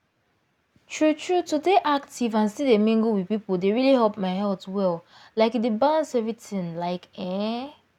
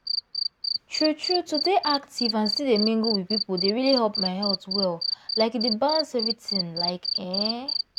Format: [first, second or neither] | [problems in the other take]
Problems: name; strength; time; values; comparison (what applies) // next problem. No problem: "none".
first | background sound (Cricket); 3 dB below the speech